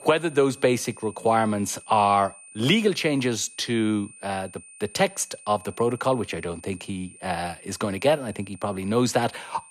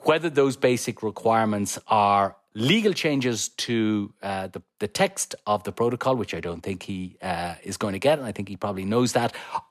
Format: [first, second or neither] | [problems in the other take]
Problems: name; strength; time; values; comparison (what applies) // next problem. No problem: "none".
second | high-pitched whine; noticeable; throughout; 9 kHz, 20 dB below the speech